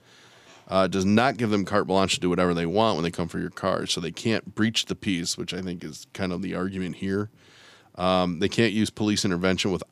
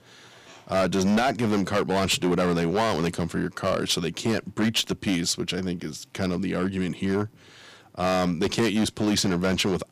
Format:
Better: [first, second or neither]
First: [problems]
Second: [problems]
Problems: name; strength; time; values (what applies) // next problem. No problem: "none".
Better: first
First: none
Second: distortion; heavy; 8% of the sound clipped